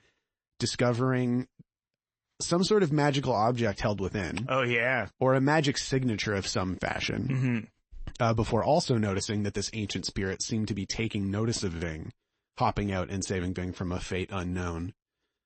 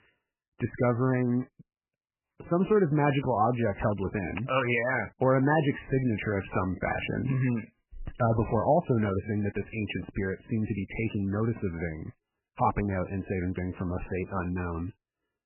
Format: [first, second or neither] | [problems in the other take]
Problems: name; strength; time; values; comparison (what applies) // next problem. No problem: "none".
first | garbled, watery; badly; nothing above 3 kHz; slightly in the first